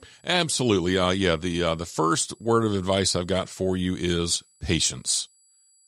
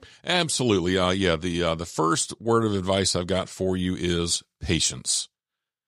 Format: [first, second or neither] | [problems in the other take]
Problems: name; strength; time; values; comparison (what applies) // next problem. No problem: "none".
second | high-pitched whine; faint; throughout; 8 kHz, 35 dB below the speech